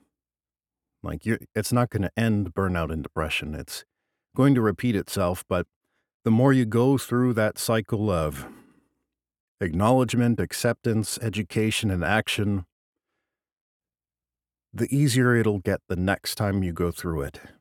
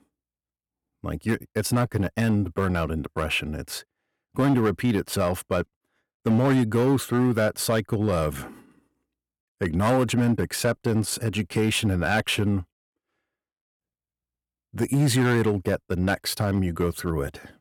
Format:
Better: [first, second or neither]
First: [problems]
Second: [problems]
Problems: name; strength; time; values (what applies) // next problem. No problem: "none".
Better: first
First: none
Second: distortion; slight; 5% of the sound clipped